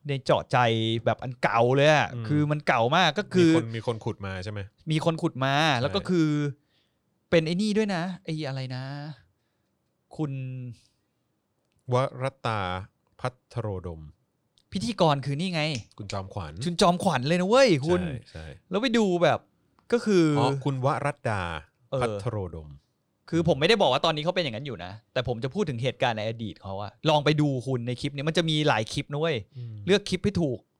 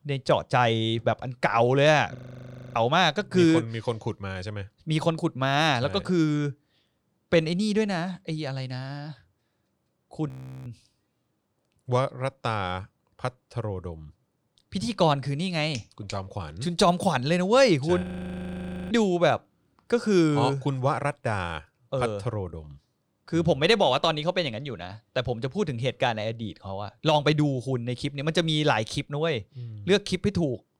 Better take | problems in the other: first | audio freezing; at 2 s for 0.5 s, at 10 s and at 18 s for 1 s

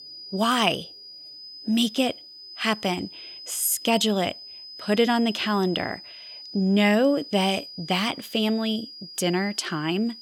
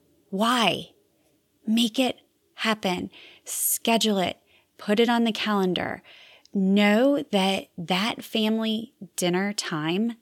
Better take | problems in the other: second | high-pitched whine; noticeable; throughout; 5 kHz, 15 dB below the speech

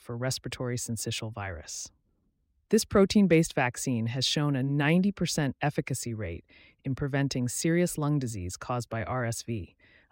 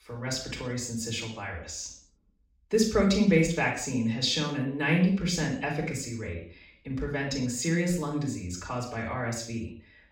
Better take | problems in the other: first | room echo; noticeable; dies away in 0.5 s // off-mic speech; far

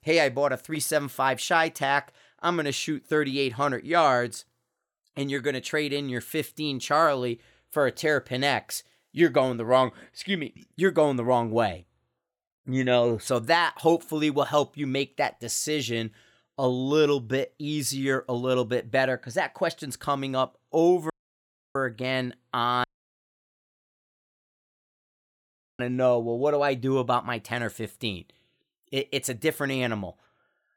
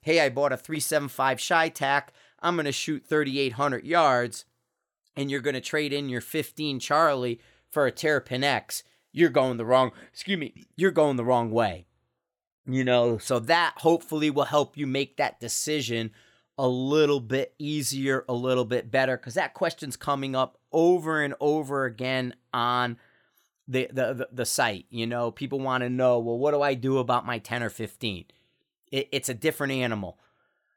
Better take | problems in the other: second | audio cutting out; at 21 s for 0.5 s and at 23 s for 3 s

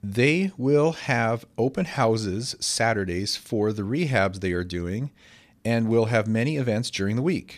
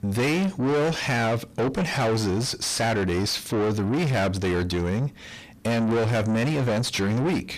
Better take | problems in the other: first | distortion; heavy; 5 dB below the speech

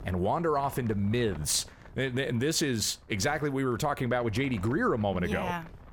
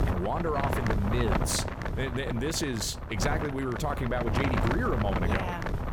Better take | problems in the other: first | wind noise on the microphone; heavy; 1 dB below the speech; occasional gusts in the first

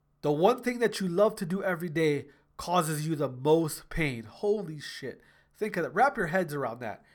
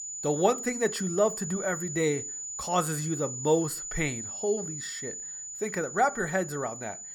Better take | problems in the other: first | high-pitched whine; loud; throughout; 7 kHz, 6 dB below the speech

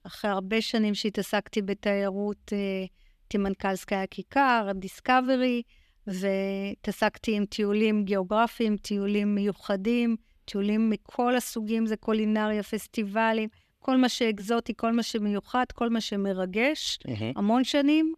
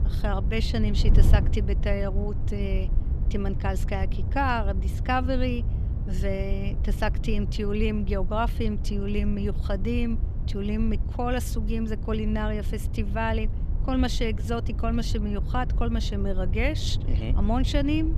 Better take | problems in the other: first | wind noise on the microphone; occasional gusts; 15 dB below the speech

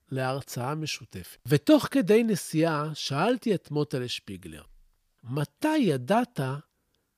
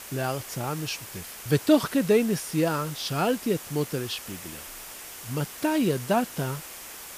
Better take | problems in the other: first | hiss; noticeable; throughout; 10 dB below the speech

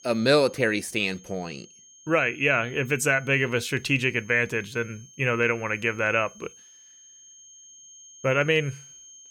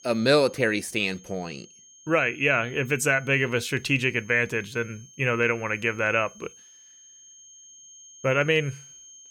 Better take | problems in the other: neither | high-pitched whine; faint; throughout; 6.5 kHz, 25 dB below the speech; the same in both

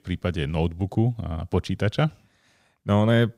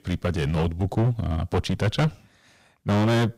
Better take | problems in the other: first | distortion; heavy; 14% of the sound clipped

